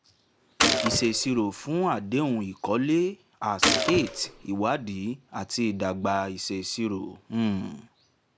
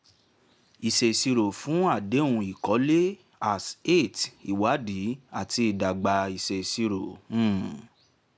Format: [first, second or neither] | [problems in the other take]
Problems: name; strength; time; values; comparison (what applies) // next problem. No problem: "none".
second | background sound (Gunshot, gunfire); as loud as the speech